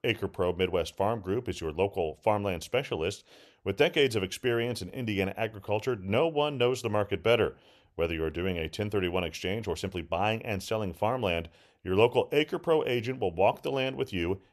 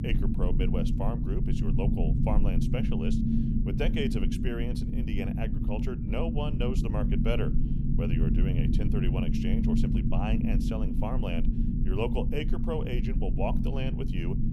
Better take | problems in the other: first | low rumble; loud; throughout; 1 dB below the speech

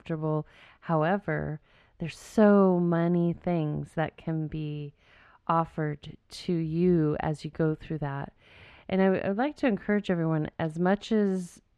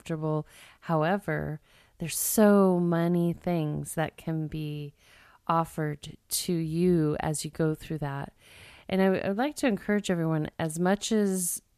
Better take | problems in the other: second | muffled; slightly; fading above 3 kHz

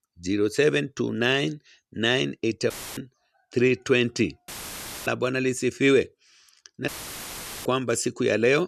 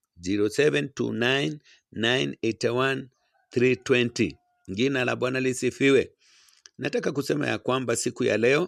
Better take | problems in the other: second | audio cutting out; filled with static; at 2.5 s, at 4.5 s for 0.5 s and at 7 s for 1 s

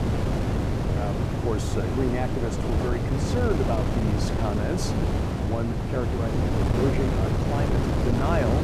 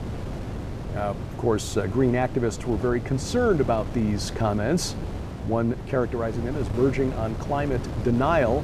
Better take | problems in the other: second | wind noise on the microphone; heavy; 1 dB above the speech; occasional gusts in the second

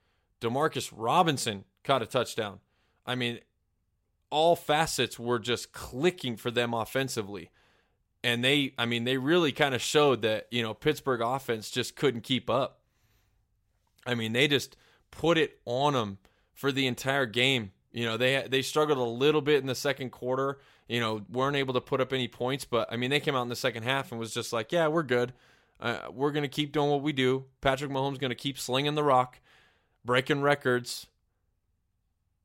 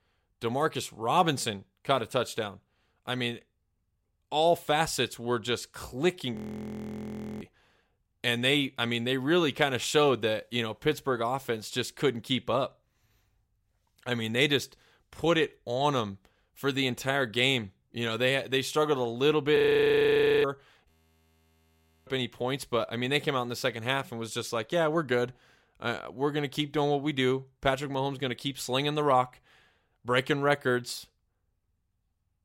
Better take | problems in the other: first | audio freezing; at 6.5 s for 1 s, at 20 s for 1 s and at 21 s for 1 s

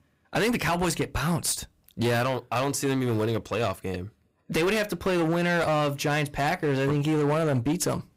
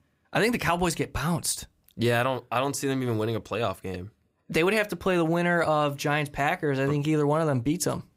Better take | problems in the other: second | distortion; slight; 15% of the sound clipped

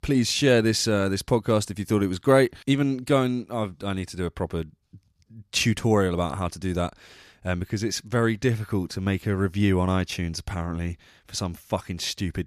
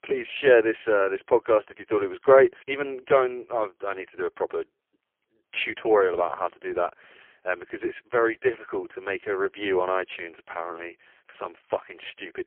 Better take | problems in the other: first | phone-call audio; poor line; nothing above 3 kHz

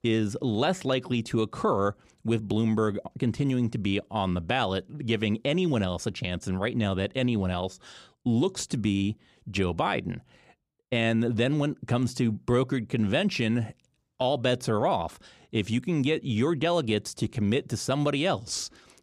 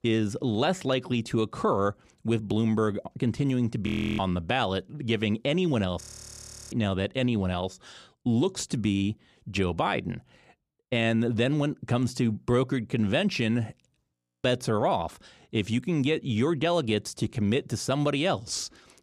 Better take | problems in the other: first | audio freezing; at 4 s, at 6 s for 0.5 s and at 14 s

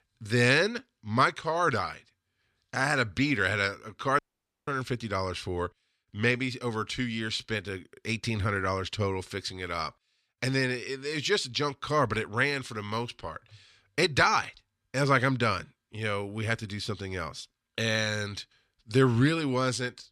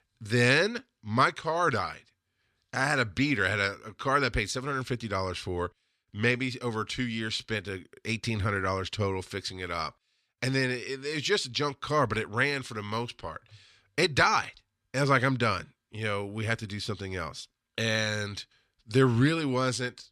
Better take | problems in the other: second | audio cutting out; at 4 s

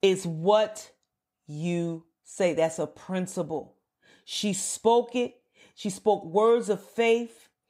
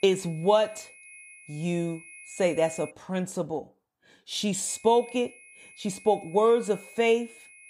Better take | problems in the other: first | high-pitched whine; faint; until 3 s and from 4.5 s on; 2.5 kHz, 20 dB below the speech

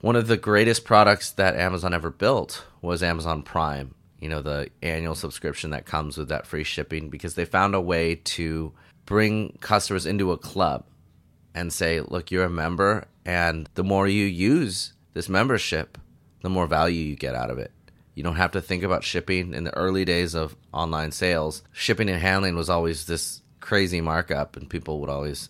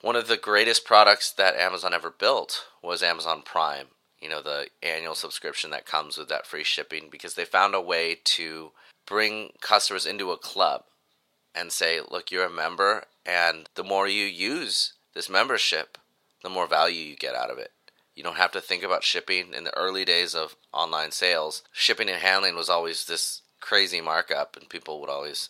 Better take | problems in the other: first | thin; very; fading below 650 Hz

